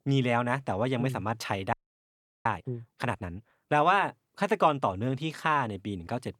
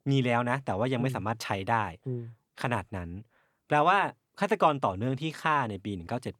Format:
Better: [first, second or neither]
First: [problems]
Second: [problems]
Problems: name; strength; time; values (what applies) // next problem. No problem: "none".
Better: second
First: audio freezing; at 1.5 s for 0.5 s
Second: none